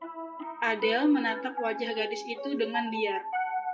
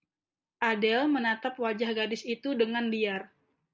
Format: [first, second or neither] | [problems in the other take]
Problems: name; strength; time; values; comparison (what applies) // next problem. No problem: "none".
second | noise reduction (classical method WPE with log-MMSE)